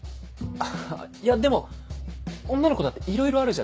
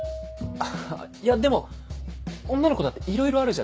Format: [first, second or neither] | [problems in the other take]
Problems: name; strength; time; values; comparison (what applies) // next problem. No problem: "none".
first | background sound (Bell / Percussion); 18 dB below the speech